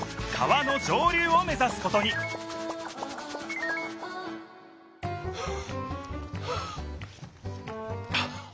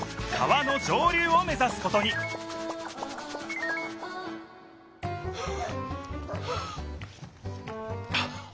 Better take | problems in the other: first | background sound (Dog); 17 dB below the speech

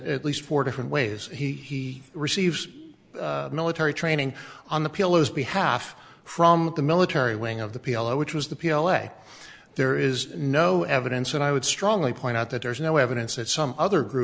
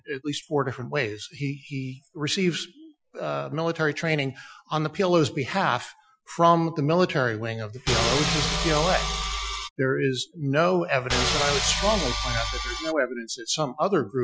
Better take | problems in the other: first | noise reduction (classical method Wiener filter)

